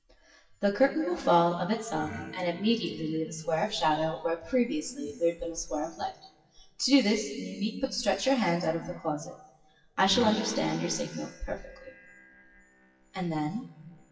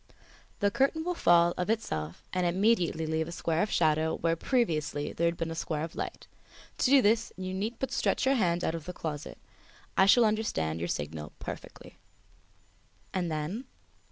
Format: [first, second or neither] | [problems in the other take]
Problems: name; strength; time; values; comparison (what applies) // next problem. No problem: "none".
second | noise reduction (classical method WPE with log-MMSE)